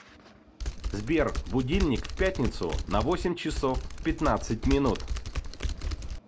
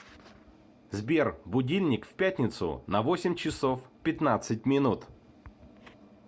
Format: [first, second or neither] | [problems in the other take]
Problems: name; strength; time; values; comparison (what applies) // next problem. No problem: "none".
second | background sound (Typing); 2 dB below the speech